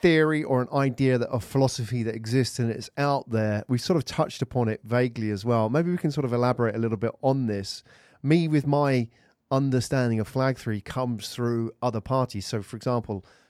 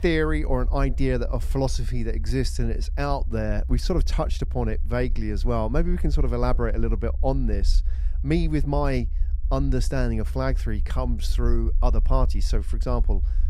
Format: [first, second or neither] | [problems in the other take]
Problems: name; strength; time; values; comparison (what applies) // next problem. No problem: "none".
first | low rumble; faint; throughout; 20 dB below the speech